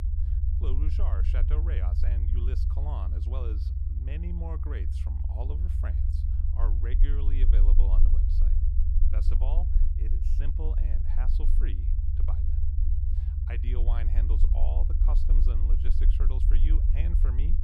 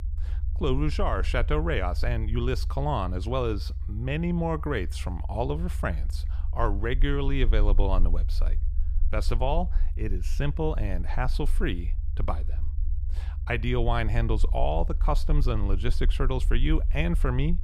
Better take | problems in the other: second | low rumble; loud; throughout; 2 dB below the speech; faint in the second

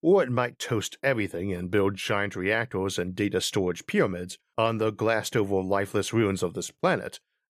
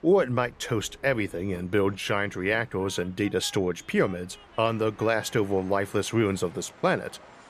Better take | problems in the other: first | train or aircraft noise; faint; throughout; 25 dB below the speech

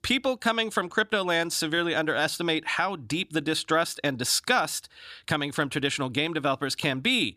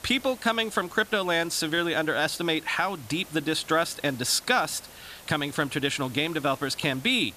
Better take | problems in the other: first | hiss; noticeable; throughout; 20 dB below the speech

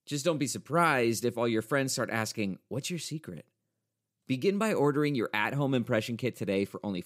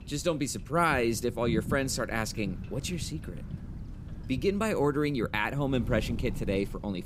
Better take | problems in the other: first | wind noise on the microphone; occasional gusts; 20 dB below the speech

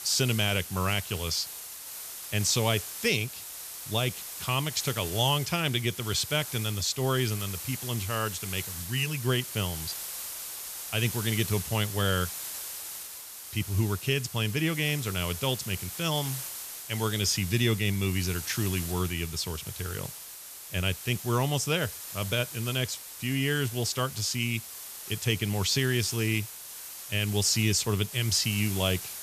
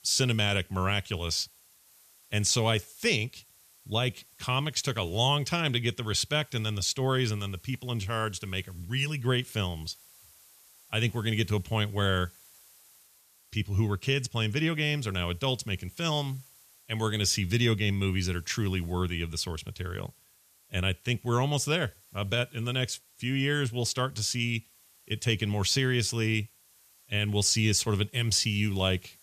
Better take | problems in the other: second | hiss; loud; throughout; 8 dB below the speech; faint in the second

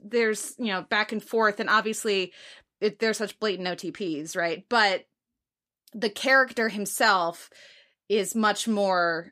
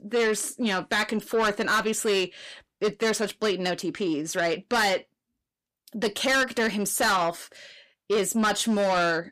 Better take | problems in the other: first | distortion; heavy; 7 dB below the speech

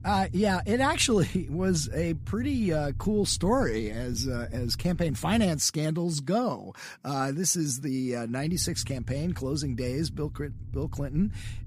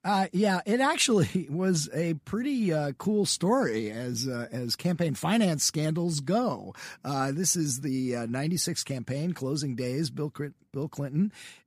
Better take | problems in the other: second | low rumble; faint; until 5.5 s and from 8.5 s on; 25 dB below the speech

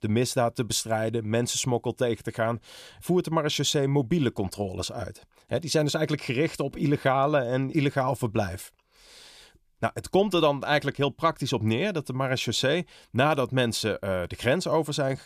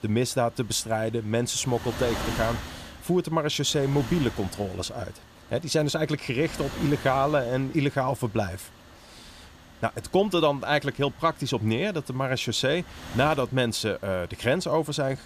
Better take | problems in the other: first | wind noise on the microphone; occasional gusts; 15 dB below the speech

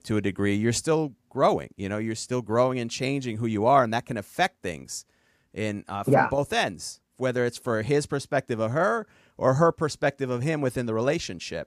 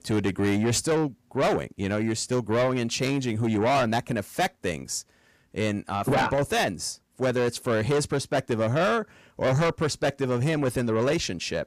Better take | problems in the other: first | distortion; heavy; 7 dB below the speech

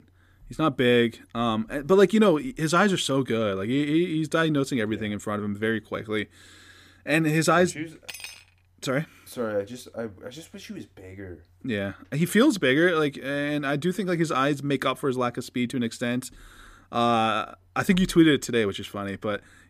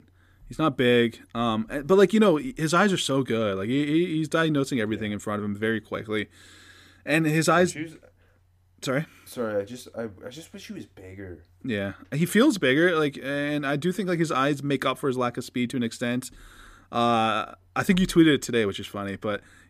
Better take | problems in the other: second | clattering dishes; faint; at 8 s; peak 15 dB below the speech

